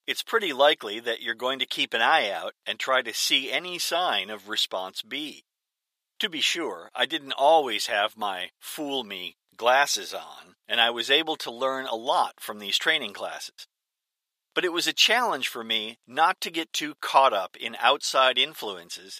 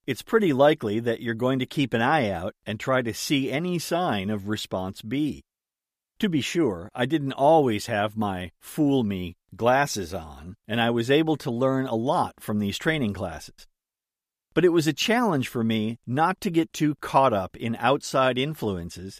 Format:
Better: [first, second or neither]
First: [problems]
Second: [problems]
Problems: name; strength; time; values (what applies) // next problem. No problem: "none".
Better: second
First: thin; very; fading below 700 Hz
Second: none